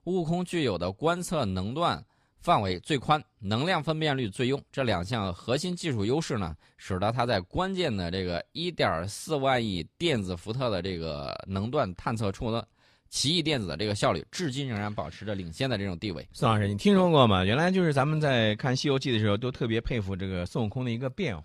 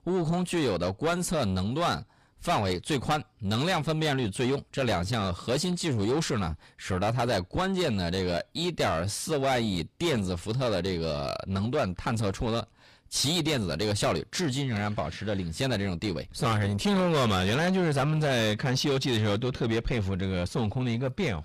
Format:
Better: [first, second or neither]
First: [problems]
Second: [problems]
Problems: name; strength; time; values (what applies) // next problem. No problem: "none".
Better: first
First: none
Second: distortion; heavy; 7 dB below the speech